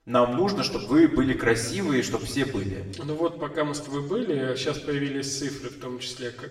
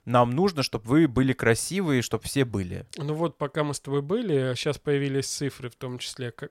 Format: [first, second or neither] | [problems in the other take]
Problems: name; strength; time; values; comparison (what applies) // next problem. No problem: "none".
second | room echo; slight; dies away in 1.1 s // off-mic speech; far